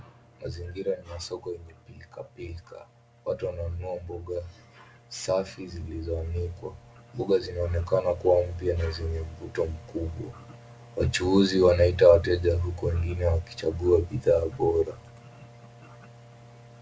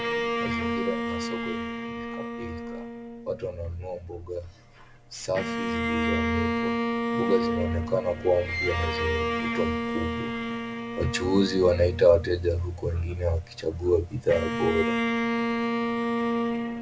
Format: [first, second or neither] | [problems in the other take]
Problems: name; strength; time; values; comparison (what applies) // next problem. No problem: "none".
first | background sound (Bowed string instrument); 1 dB below the speech